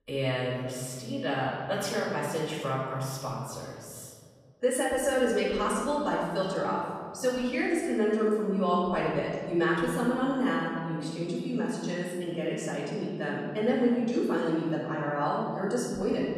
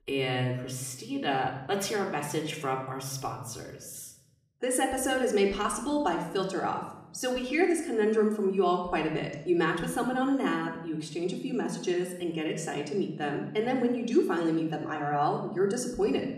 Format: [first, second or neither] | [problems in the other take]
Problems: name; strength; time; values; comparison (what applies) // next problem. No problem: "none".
second | room echo; strong; dies away in 1.8 s; slight in the second // off-mic speech; far; somewhat distant in the second